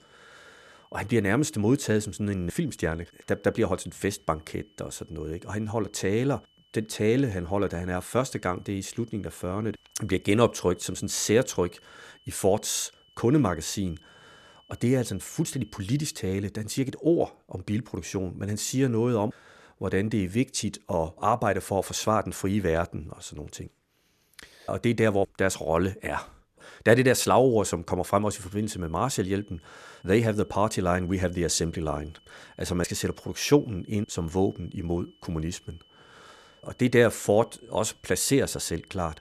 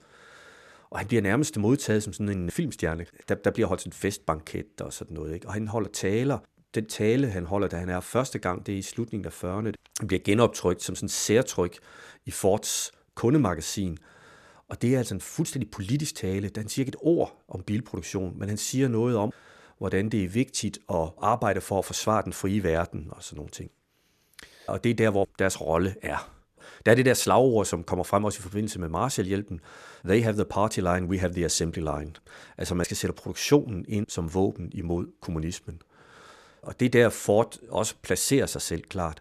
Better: second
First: high-pitched whine; faint; until 16 s and from 28 s on; 3 kHz, 30 dB below the speech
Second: none

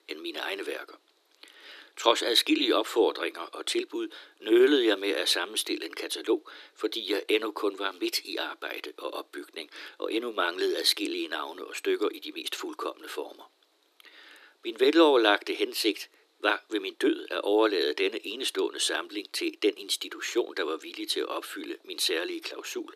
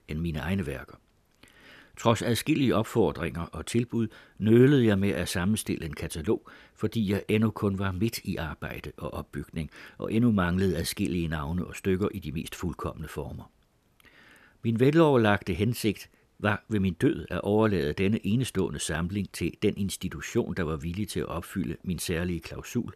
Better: second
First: thin; very; fading below 300 Hz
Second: none

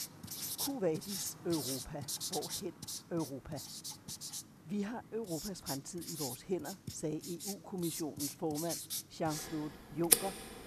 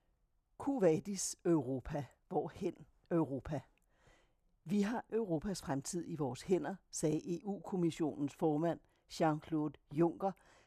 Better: second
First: household noises; very loud; throughout; 2 dB above the speech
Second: none

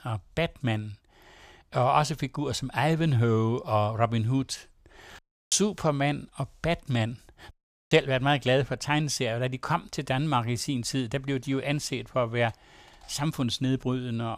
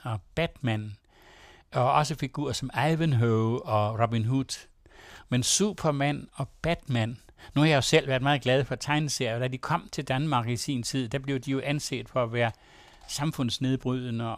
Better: second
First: audio cutting out; at 5 s and at 7.5 s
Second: none

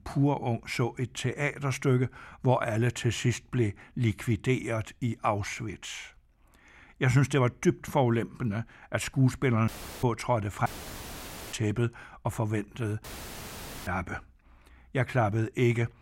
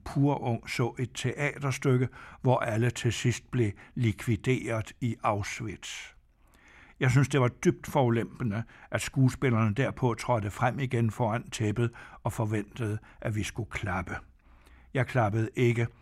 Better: second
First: audio cutting out; filled with static; at 9.5 s, at 11 s for 1 s and at 13 s for 1 s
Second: none

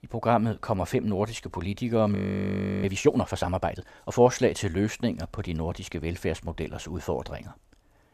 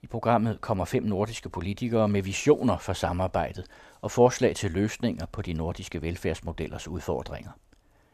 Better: second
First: audio freezing; at 2 s for 0.5 s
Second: none

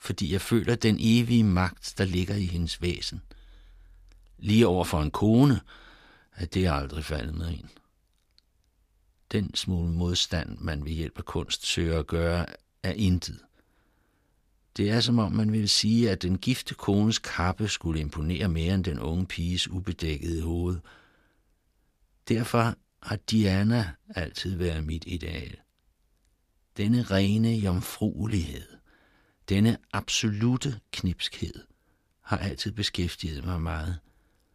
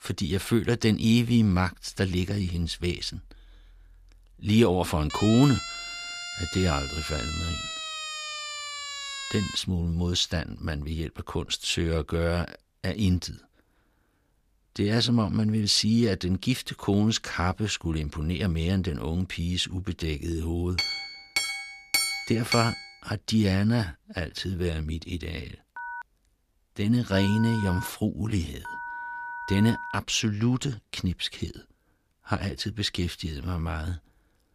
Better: first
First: none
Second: siren; noticeable; from 5 to 9.5 s; peak 5 dB below the speech // clattering dishes; loud; from 21 to 23 s; peak 2 dB above the speech // phone ringing; noticeable; from 26 to 30 s; peak 9 dB below the speech

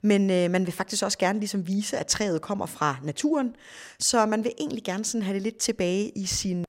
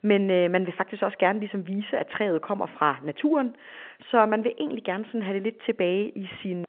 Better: first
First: none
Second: phone-call audio

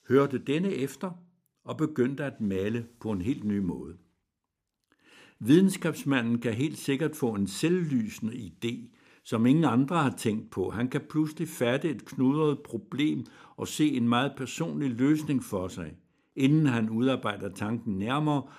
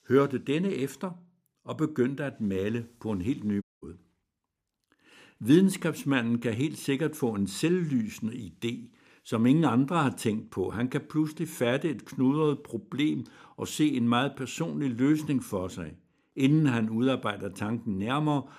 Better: first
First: none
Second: audio cutting out; at 3.5 s

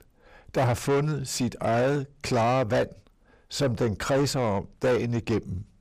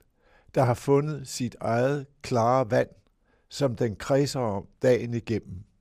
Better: second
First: distortion; heavy; 7 dB below the speech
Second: none

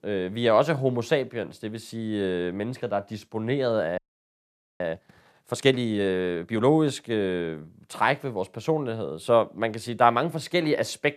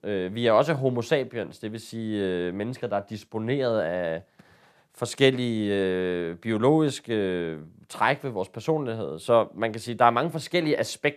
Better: second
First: audio freezing; at 4 s for 1 s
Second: none

